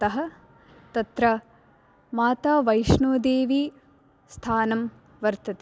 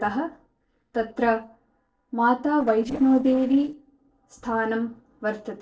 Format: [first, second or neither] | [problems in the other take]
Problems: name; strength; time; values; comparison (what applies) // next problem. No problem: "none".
first | noise reduction (neural separator model SepFormer DNS4)